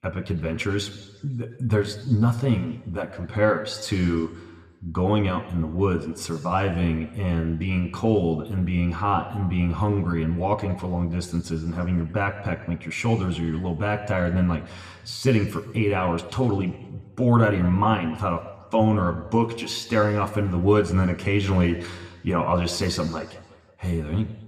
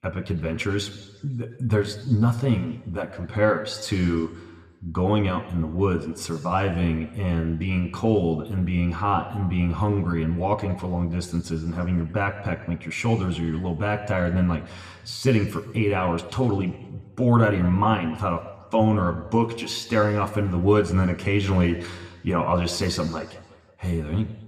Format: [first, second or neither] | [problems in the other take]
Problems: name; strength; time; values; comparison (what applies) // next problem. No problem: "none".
neither | room echo; very slight; dies away in 1.2 s; the same in both